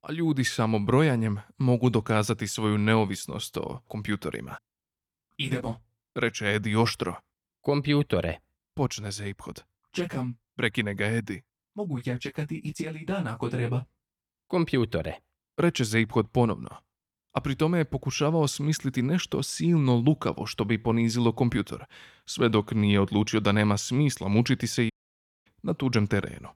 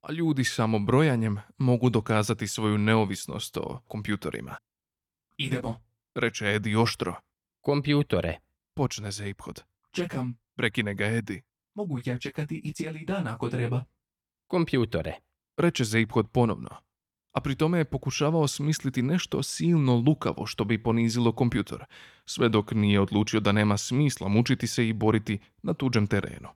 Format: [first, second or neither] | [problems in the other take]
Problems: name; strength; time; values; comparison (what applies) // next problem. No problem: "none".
second | audio cutting out; at 25 s for 0.5 s